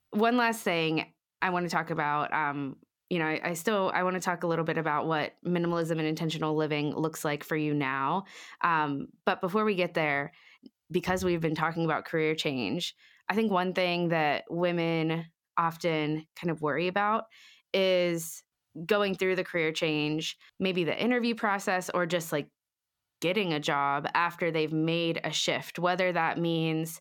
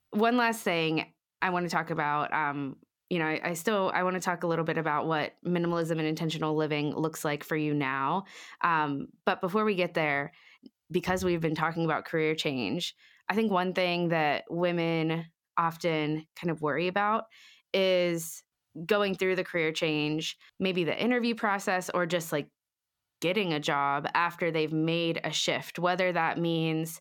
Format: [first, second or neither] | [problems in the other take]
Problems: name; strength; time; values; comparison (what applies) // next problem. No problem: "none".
neither | none